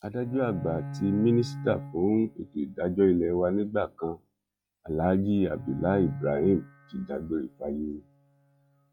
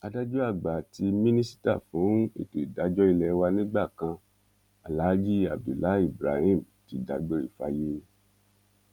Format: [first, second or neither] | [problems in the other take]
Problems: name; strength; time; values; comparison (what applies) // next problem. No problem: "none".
second | noise reduction (classical method log-MMSE)